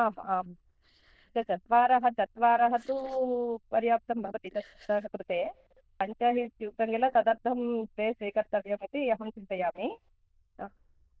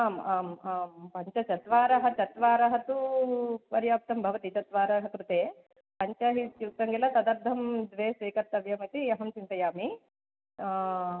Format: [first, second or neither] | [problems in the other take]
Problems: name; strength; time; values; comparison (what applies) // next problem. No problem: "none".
second | noise reduction (neural diffusion model UNIVERSE++)